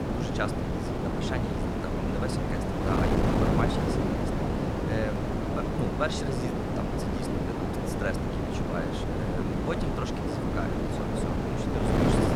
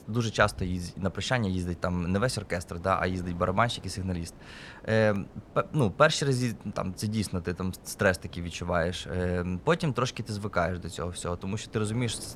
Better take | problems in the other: second | wind noise on the microphone; heavy; 4 dB above the speech; occasional gusts in the second

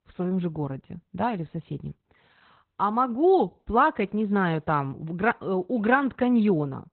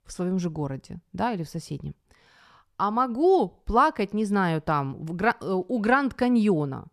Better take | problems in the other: second | garbled, watery; badly; nothing above 4 kHz

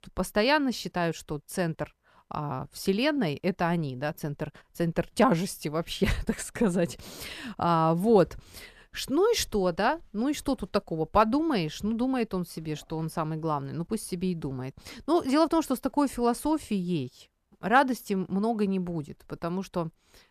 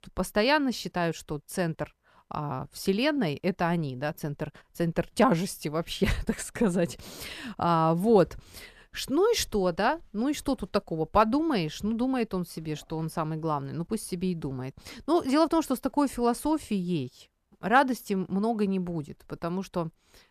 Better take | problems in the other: neither | none

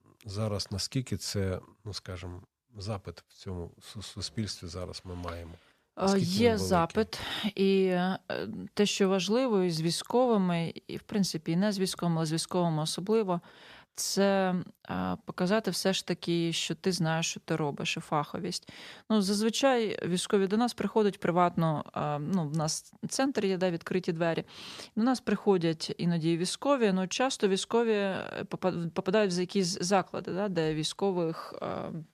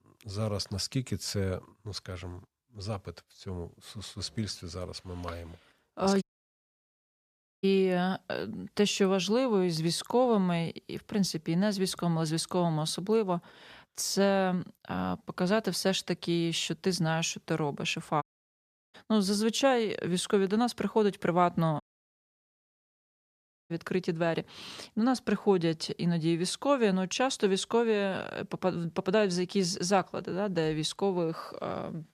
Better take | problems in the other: first | audio cutting out; at 6 s for 1.5 s, at 18 s for 0.5 s and at 22 s for 2 s

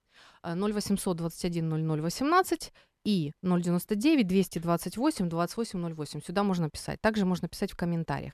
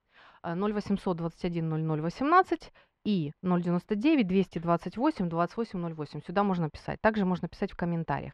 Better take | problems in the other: first | muffled; slightly; fading above 2.5 kHz

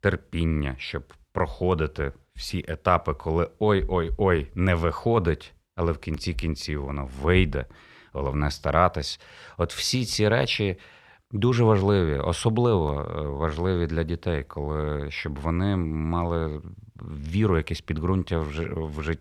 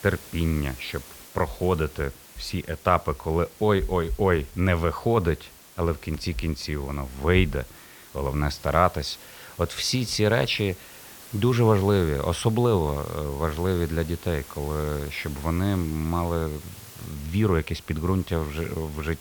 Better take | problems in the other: first | hiss; noticeable; throughout; 20 dB below the speech

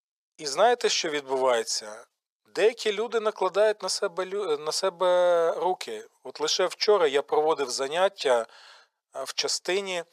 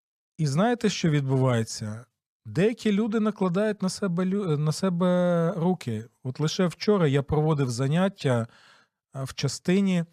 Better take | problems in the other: second | thin; very; fading below 400 Hz

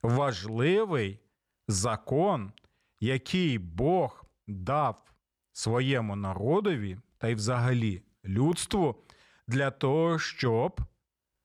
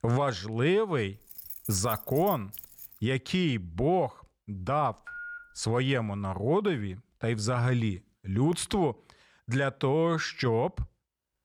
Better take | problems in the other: first | jangling keys; noticeable; from 1.5 to 3 s; peak 8 dB below the speech // phone ringing; faint; at 5 s; peak 10 dB below the speech

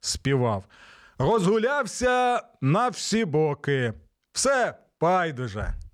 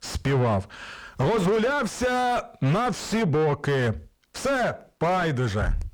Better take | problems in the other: first | distortion; heavy; 6 dB below the speech

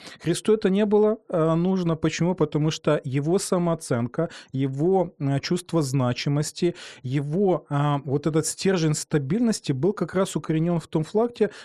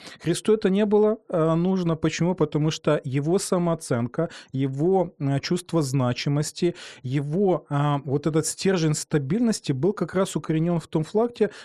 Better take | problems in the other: neither | none

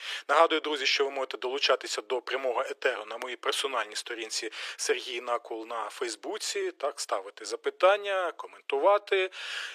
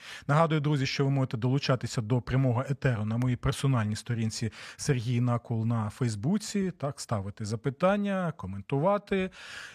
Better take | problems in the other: second | thin; very; fading below 350 Hz

